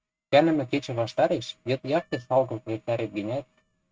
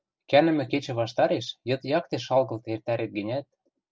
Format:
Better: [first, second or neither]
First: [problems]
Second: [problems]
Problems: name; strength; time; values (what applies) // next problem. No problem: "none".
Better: second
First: noise reduction (neural mask model RNNoise)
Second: none